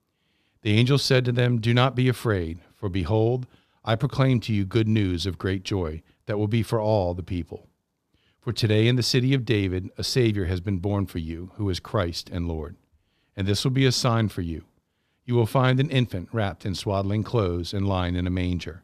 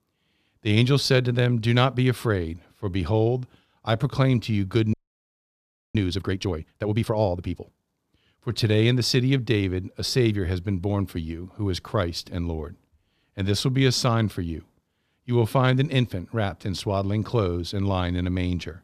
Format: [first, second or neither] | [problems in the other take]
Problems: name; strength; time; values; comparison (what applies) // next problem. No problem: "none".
first | audio freezing; at 5 s for 1 s